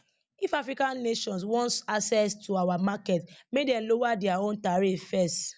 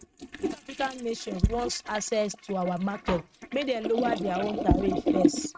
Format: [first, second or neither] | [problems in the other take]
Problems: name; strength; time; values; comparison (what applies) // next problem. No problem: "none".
first | noise reduction (neural mask model RNNoise)